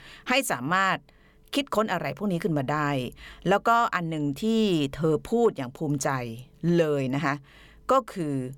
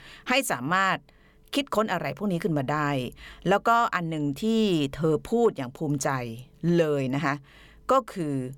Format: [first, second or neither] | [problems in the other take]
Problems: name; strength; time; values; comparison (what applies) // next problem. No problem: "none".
neither | none